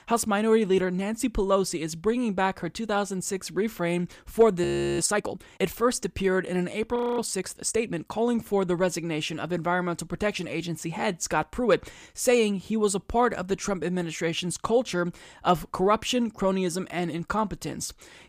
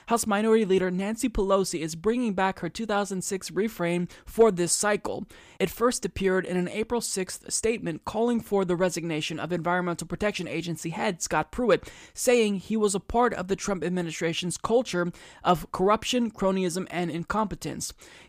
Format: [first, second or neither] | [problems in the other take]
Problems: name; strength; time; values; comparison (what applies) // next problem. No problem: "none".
second | audio freezing; at 4.5 s and at 7 s